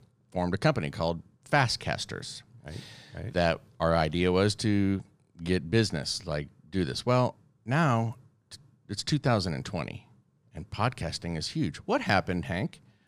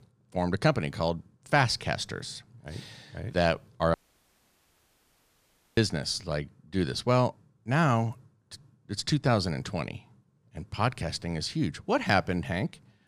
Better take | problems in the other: first | audio cutting out; at 4 s for 2 s

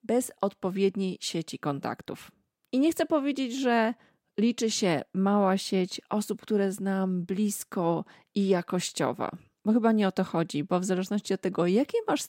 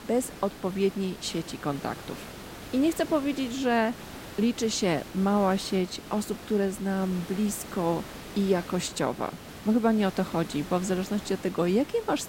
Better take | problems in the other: first | hiss; noticeable; throughout; 15 dB below the speech

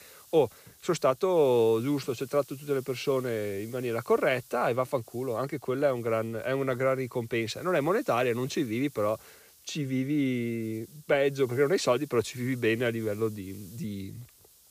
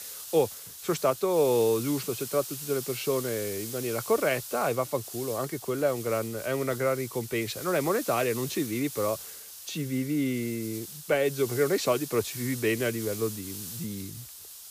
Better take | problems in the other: first | hiss; loud; throughout; 9 dB below the speech; faint in the first

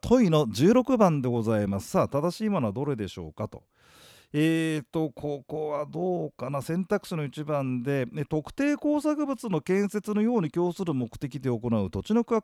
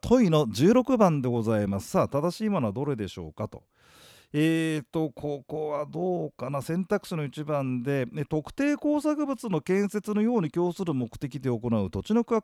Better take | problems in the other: neither | none

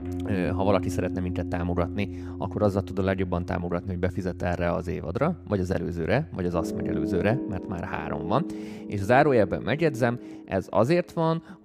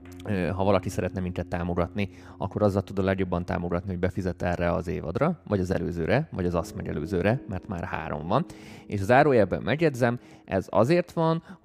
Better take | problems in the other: second | background music; loud; throughout; 9 dB below the speech; faint in the second

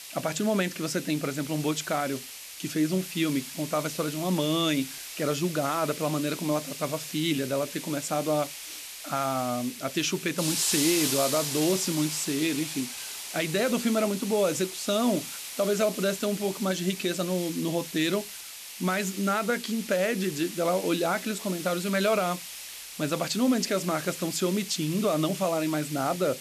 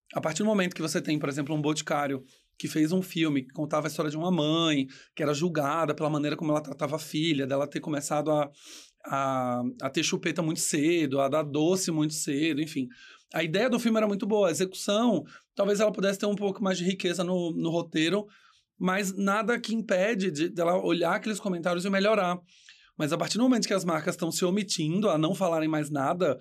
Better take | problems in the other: second | hiss; loud; throughout; 7 dB below the speech

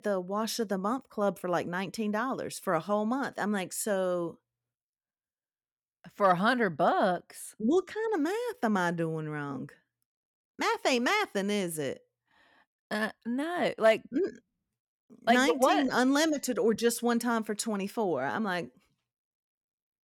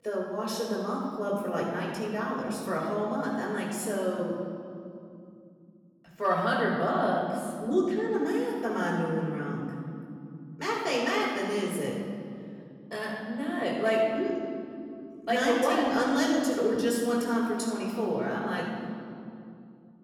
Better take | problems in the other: first | off-mic speech; far // room echo; noticeable; dies away in 2.7 s

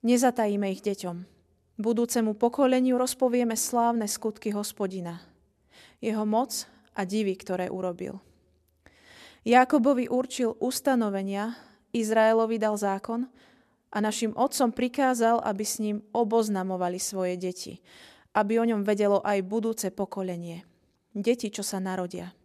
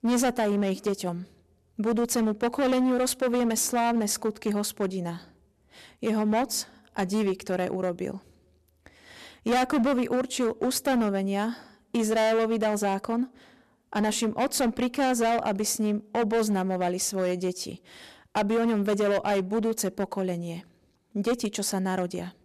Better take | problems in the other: first | distortion; heavy; 12% of the sound clipped

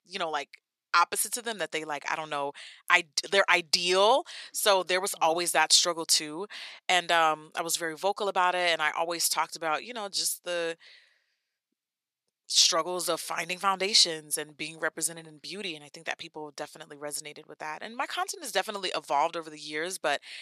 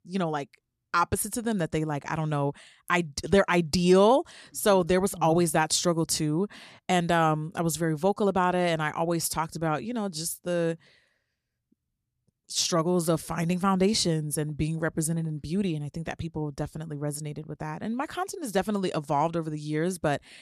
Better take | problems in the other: second | thin; very; fading below 600 Hz

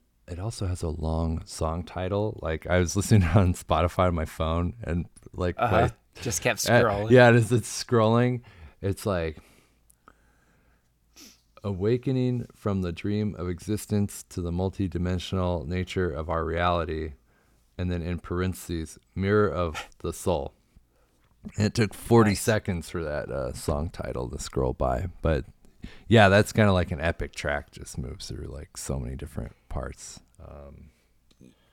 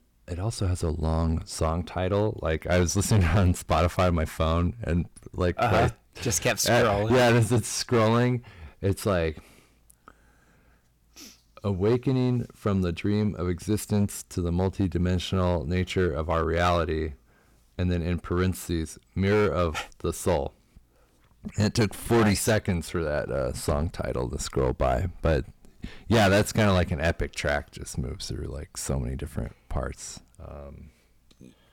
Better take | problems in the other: first | distortion; heavy; 6% of the sound clipped

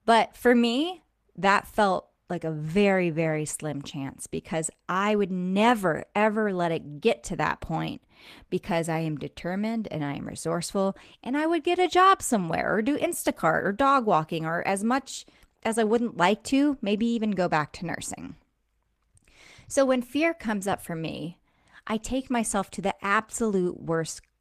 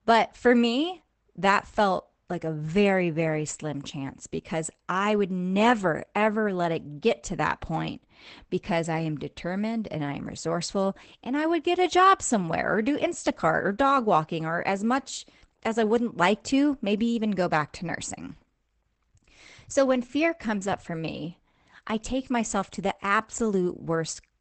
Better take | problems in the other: first | garbled, watery; badly; nothing above 8 kHz; slightly in the first

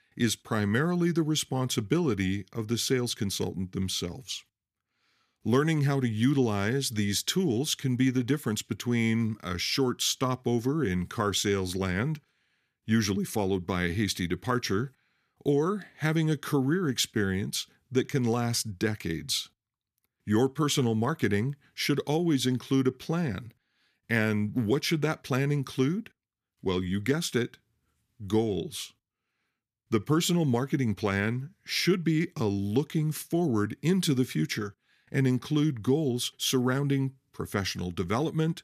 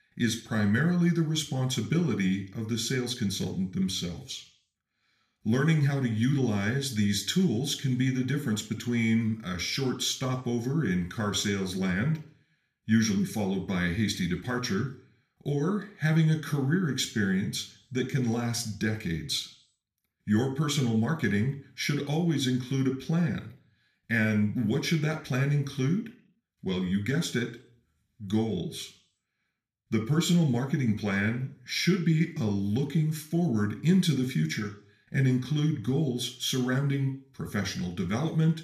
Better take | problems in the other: first | room echo; very slight; dies away in 0.4 s

